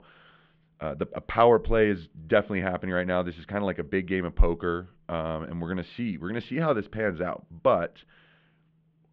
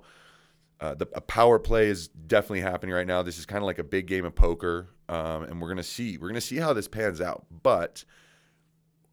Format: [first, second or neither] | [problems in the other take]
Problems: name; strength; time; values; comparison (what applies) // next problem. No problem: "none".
second | muffled; very; fading above 3 kHz